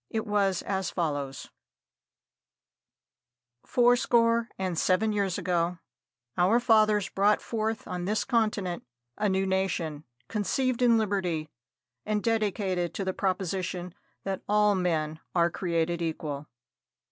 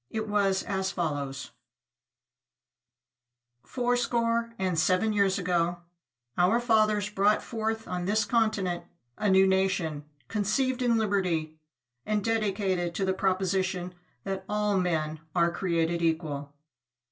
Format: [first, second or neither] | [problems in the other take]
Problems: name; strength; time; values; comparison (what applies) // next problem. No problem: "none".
first | room echo; dies away in 0.2 s